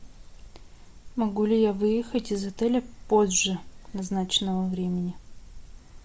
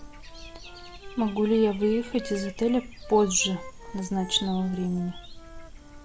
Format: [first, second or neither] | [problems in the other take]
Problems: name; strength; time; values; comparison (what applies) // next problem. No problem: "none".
first | background sound (Wind instrument, woodwind instrument + Bird / Dog); 17 dB below the speech